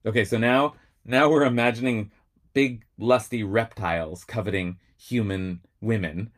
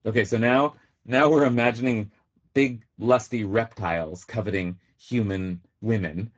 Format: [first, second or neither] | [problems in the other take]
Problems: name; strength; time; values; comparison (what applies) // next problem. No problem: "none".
first | garbled, watery; badly; nothing above 7.5 kHz